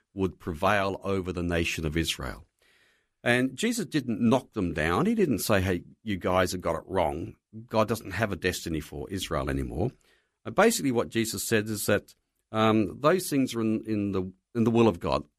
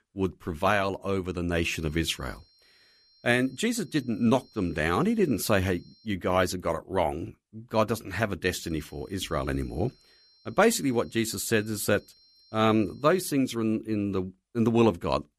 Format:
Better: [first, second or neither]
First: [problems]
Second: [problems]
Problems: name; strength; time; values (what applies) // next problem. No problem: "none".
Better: first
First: none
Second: high-pitched whine; faint; from 2 to 6 s and from 8.5 to 13 s; 4 kHz, 30 dB below the speech